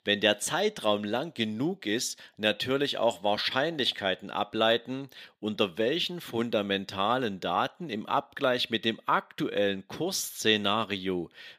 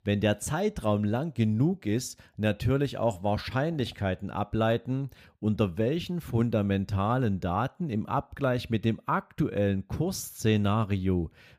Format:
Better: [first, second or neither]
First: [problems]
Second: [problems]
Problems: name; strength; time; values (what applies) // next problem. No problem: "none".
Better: second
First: thin; somewhat; fading below 300 Hz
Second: none